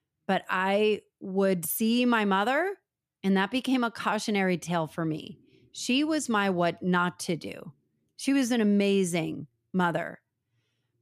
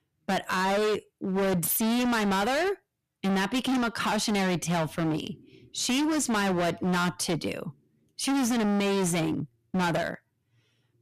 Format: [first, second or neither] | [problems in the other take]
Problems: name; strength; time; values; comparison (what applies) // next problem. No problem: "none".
first | distortion; heavy; 30% of the sound clipped